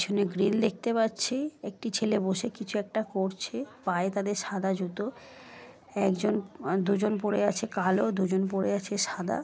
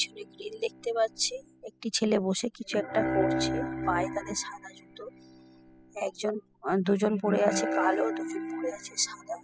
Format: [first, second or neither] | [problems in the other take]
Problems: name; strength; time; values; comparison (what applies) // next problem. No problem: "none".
first | noise reduction (classical method spectral subtraction)